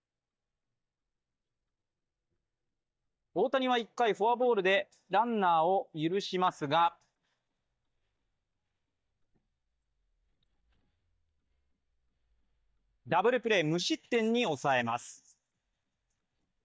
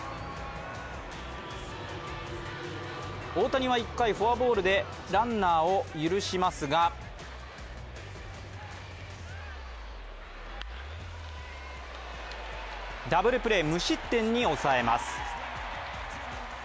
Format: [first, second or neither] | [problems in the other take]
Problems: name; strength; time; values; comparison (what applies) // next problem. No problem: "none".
second | noise reduction (neural mask model DeepFilterNet 3)